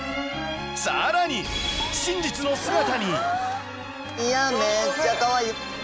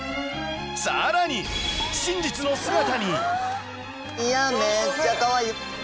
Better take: second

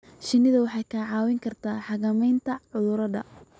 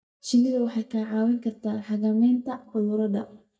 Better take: first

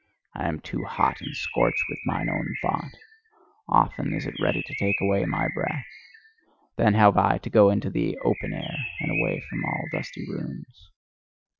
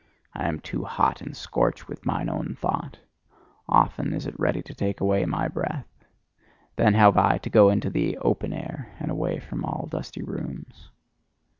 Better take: second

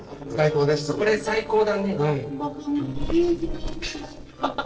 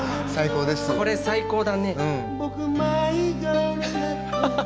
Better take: second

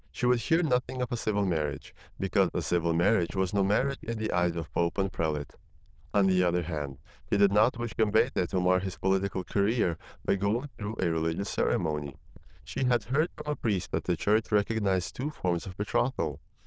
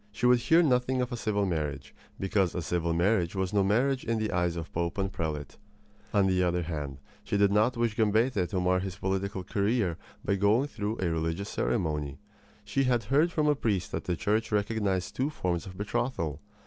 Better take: second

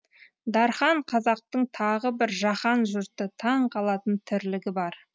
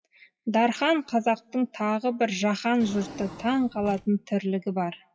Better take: first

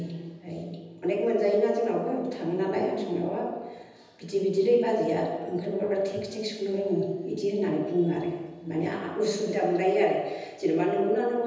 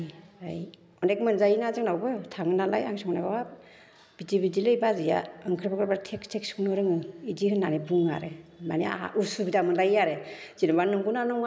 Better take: second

